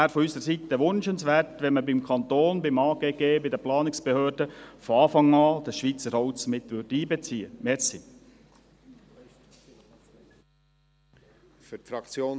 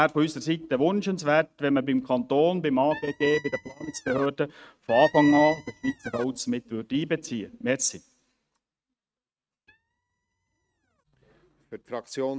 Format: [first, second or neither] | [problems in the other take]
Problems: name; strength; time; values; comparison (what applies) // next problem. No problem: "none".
first | noise reduction (neural mask model RNNoise)